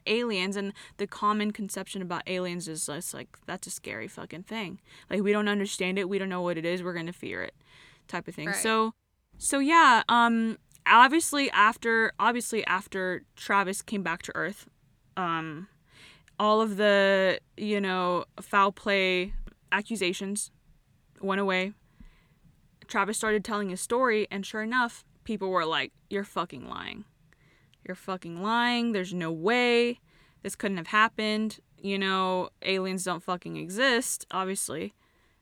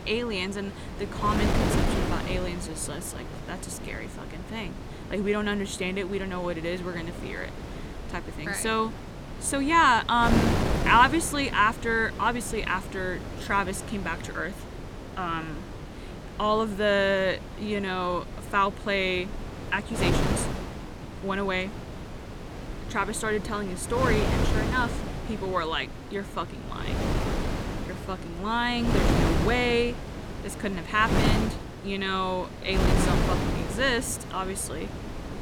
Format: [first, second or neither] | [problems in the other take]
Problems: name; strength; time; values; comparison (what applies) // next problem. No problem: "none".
first | wind noise on the microphone; heavy; 9 dB below the speech